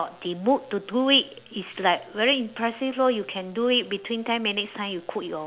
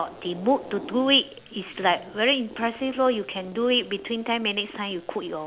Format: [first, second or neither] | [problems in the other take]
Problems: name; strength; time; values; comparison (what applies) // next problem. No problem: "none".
first | background sound (Zipper (clothing)); 19 dB below the speech